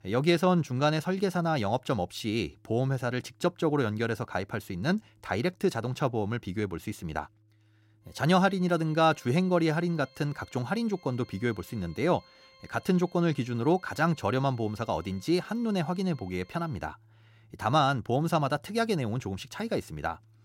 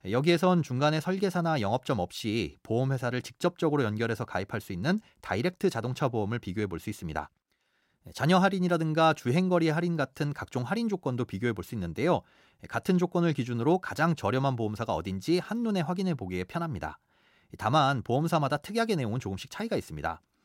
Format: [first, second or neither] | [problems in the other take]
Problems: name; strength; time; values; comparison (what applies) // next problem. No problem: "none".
second | background music; faint; throughout; 30 dB below the speech